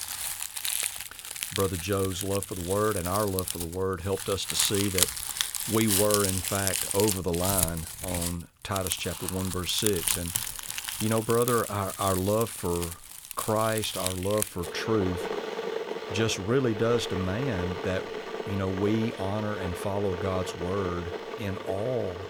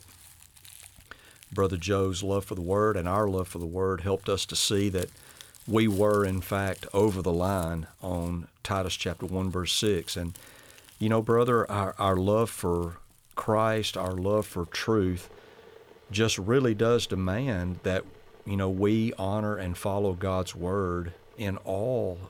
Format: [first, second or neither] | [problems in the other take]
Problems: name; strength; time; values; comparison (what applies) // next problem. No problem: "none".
second | household noises; loud; throughout; 2 dB below the speech; faint in the second